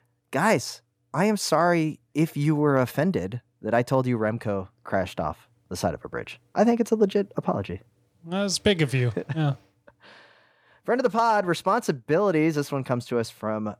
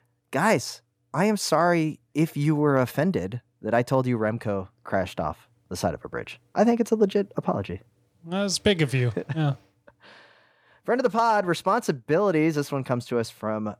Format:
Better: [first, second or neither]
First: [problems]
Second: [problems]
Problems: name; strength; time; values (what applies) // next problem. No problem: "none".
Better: neither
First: none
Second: none